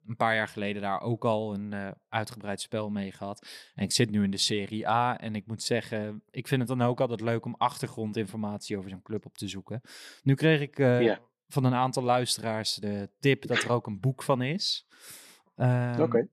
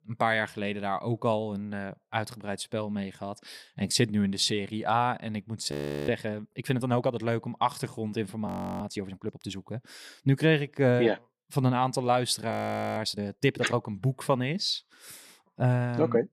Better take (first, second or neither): first